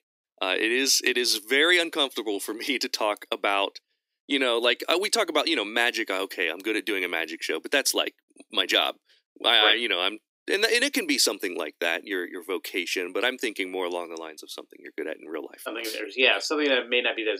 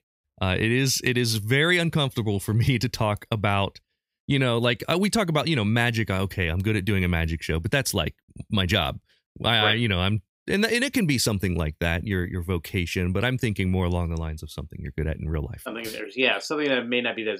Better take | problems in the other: second | thin; somewhat; fading below 300 Hz

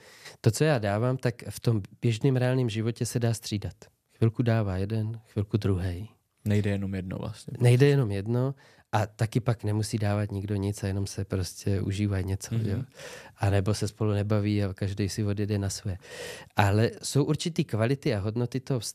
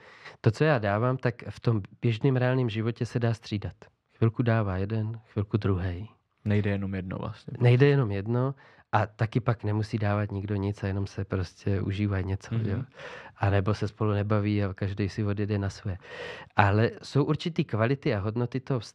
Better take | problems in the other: first | muffled; slightly; fading above 3 kHz

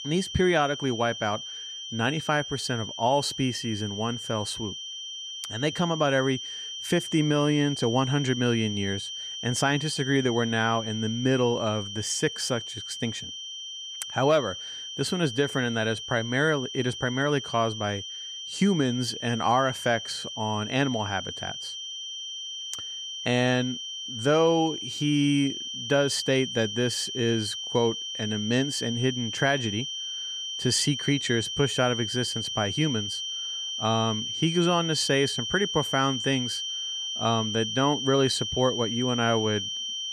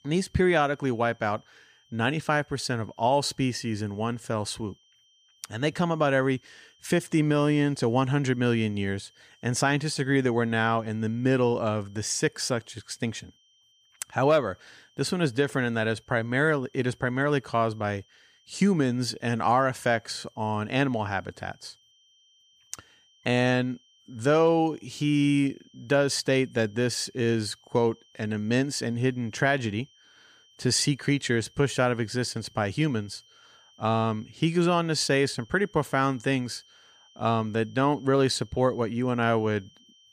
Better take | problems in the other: second | high-pitched whine; loud; throughout; 3 kHz, 6 dB below the speech; faint in the second

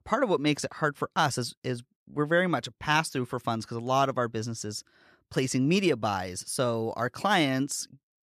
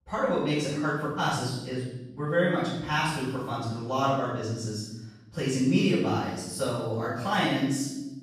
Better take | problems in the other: first | off-mic speech; far // room echo; strong; dies away in 1 s

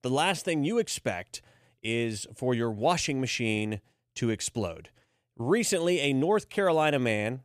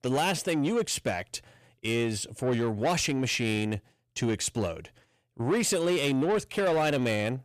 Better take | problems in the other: first | distortion; slight; 10 dB below the speech

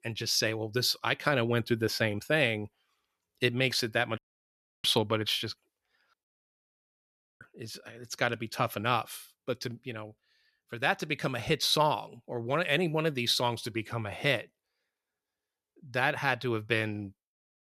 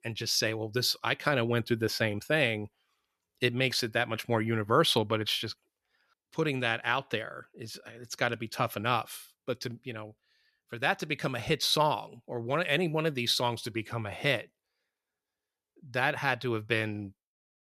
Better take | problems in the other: second | audio cutting out; at 4 s for 0.5 s and at 6 s for 1 s

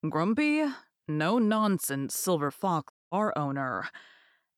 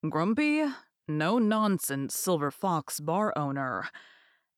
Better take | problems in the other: second | audio cutting out; at 3 s

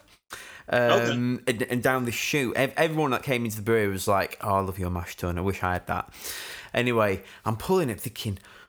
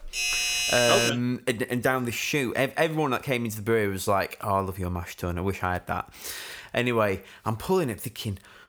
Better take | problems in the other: first | doorbell; loud; until 1 s; peak 4 dB above the speech

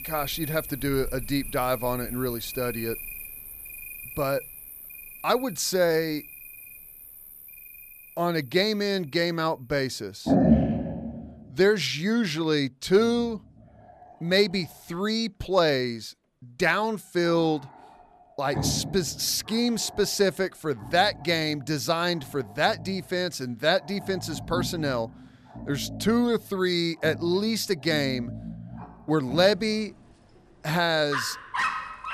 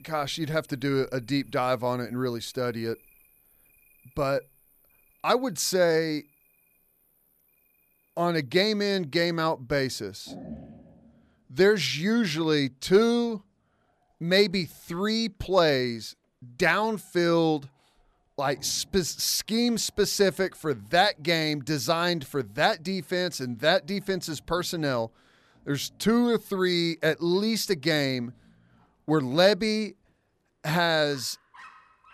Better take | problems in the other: second | animal sounds; loud; throughout; 7 dB below the speech; faint in the second

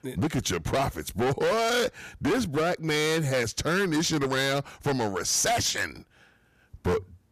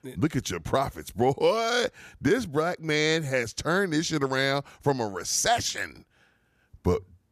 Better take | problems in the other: second | distortion; heavy; 18% of the sound clipped

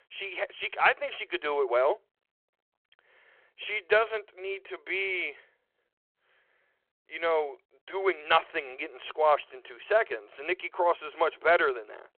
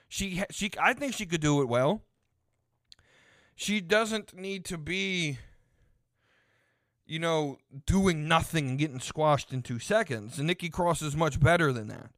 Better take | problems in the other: second | phone-call audio

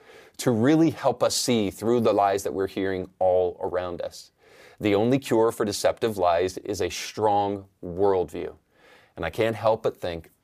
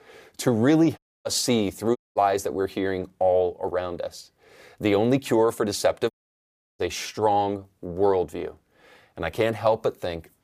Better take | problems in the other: first | audio cutting out; at 1 s, at 2 s and at 6 s for 0.5 s

